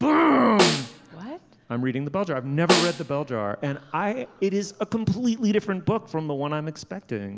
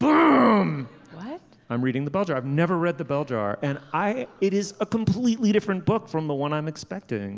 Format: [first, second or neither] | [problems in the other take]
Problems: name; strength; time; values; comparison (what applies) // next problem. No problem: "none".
second | background sound (Snare drum); 1 dB below the speech